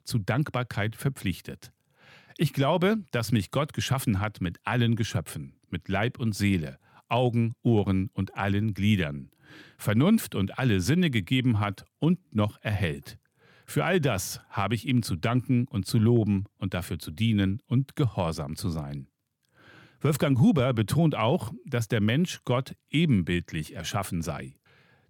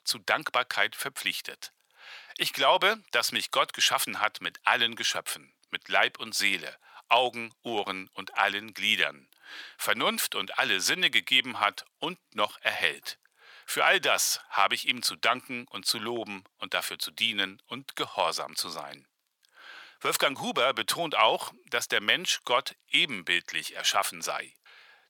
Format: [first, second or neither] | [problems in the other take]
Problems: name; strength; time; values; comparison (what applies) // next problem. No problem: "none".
first | thin; very; fading below 850 Hz